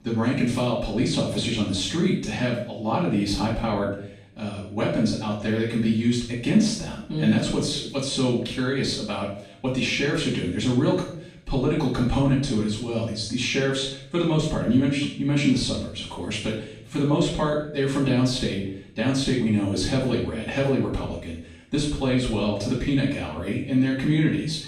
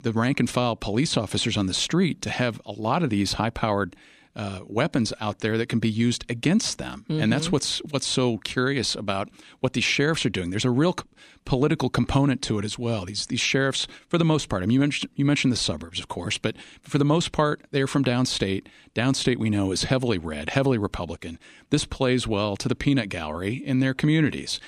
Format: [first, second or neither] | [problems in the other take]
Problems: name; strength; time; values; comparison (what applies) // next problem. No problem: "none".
second | off-mic speech; far // room echo; noticeable; dies away in 0.6 s